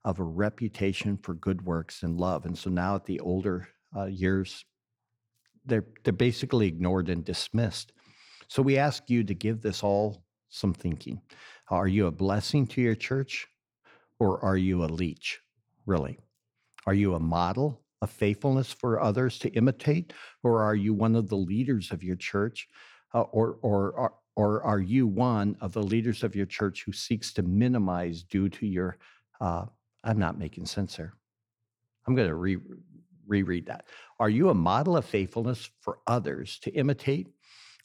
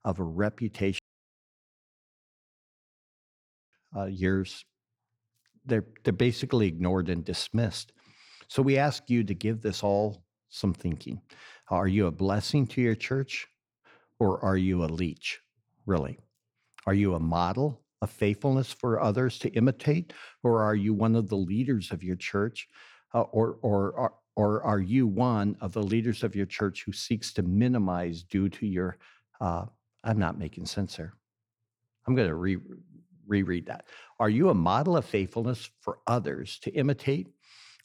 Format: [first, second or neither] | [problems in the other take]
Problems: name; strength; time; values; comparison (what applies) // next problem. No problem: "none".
first | audio cutting out; at 1 s for 2.5 s